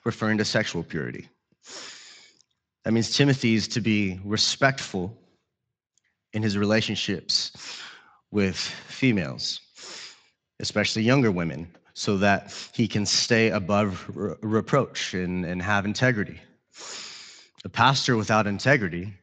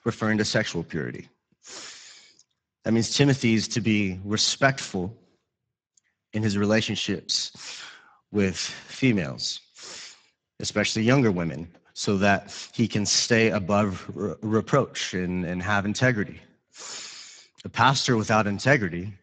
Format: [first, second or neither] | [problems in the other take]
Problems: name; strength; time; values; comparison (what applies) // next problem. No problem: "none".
first | garbled, watery; badly; nothing above 7.5 kHz; slightly in the first